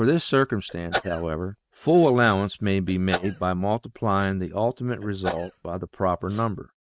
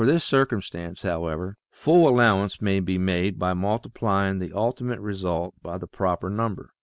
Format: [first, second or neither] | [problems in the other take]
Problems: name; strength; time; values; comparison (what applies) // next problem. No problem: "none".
second | noise reduction (neural mask model RNNoise)